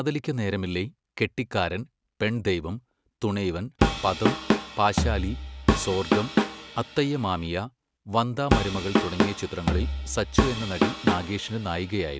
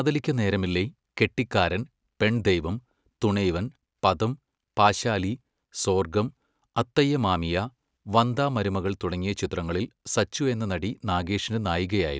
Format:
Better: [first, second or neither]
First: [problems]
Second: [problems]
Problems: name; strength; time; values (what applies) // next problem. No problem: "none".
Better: second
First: background sound (Drum kit); 2 dB above the speech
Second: none